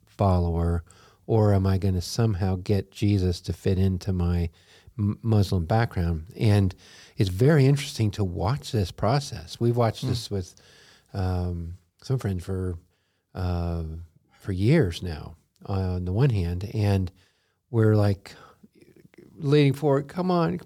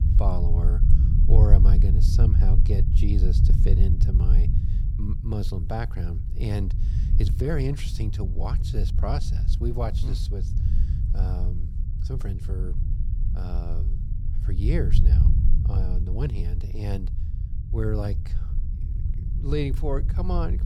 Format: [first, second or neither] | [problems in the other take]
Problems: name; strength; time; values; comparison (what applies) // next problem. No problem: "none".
first | low rumble; loud; throughout; 6 dB below the speech